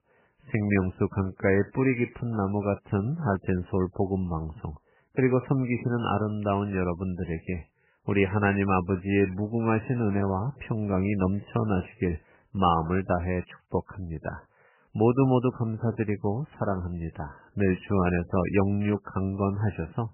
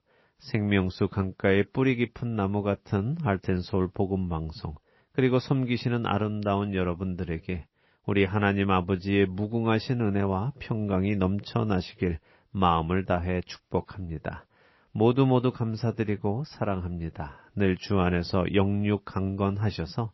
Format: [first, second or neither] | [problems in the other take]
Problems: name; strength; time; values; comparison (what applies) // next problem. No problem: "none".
second | garbled, watery; badly; nothing above 3 kHz; slightly in the second